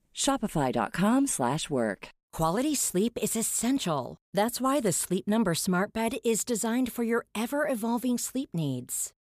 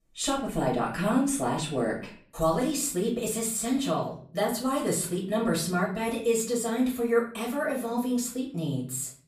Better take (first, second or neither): first